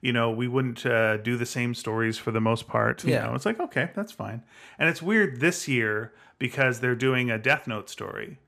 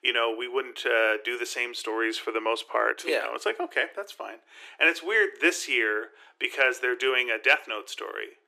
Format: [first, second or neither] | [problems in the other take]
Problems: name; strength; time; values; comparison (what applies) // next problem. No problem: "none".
first | thin; very; fading below 300 Hz